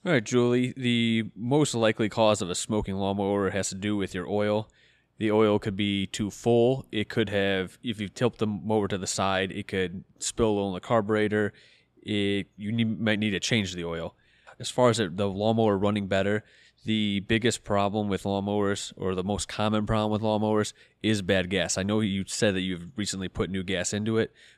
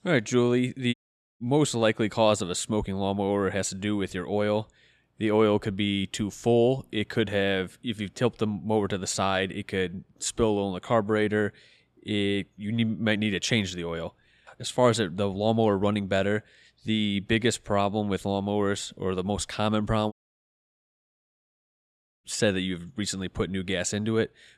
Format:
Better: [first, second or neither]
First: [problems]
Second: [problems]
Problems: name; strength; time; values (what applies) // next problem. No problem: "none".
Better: first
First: none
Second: audio cutting out; at 1 s and at 20 s for 2 s